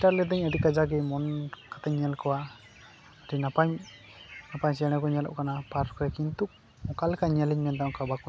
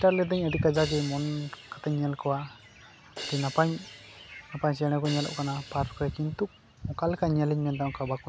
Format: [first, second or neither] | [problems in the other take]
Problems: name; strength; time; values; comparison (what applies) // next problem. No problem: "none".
first | background sound (Crash cymbal); 14 dB below the speech